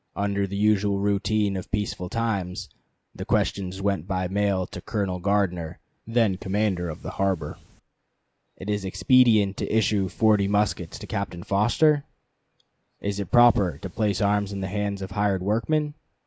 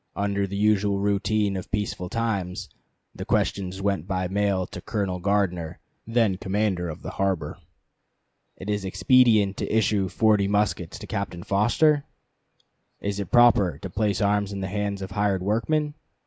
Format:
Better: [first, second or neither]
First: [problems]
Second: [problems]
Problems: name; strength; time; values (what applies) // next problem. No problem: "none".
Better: second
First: noise reduction (neural mask model Resemble Enhance denoiser)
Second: none